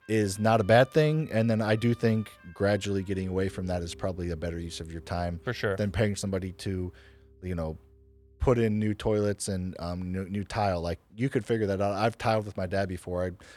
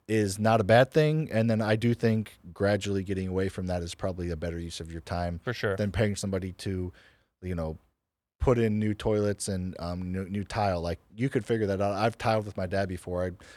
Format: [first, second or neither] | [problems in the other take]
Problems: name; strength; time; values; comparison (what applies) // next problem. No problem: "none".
second | background music; faint; until 9 s; 25 dB below the speech